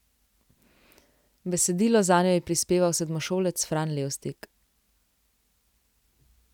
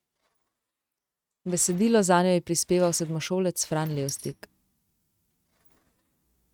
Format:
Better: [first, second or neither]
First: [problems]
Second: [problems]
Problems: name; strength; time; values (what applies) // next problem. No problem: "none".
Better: first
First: none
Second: noise reduction (neural mask model RNNoise)